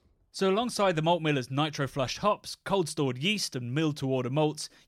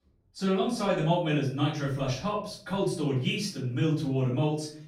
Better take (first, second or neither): first